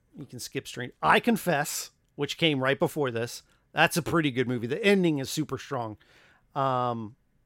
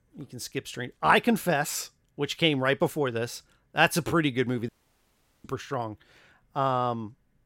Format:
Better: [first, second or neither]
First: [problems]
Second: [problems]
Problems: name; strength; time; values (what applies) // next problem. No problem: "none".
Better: first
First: none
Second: audio cutting out; at 4.5 s for 1 s